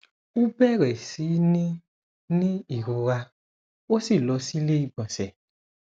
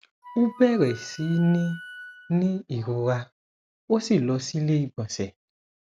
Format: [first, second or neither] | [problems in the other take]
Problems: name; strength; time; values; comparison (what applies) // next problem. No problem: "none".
first | background sound (Wind instrument, woodwind instrument); 18 dB below the speech